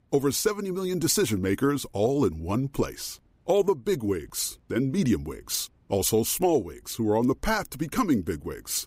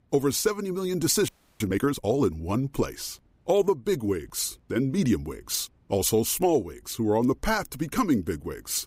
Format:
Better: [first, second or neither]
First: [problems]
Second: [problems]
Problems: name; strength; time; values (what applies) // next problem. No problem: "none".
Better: first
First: none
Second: audio freezing; at 1.5 s